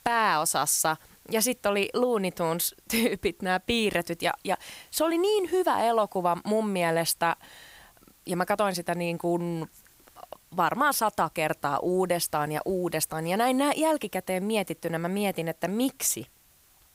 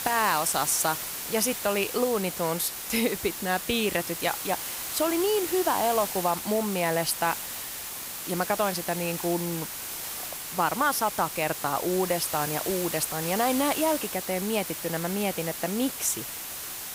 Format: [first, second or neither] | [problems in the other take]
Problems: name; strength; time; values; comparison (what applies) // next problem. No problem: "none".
first | hiss; loud; throughout; 5 dB below the speech; faint in the first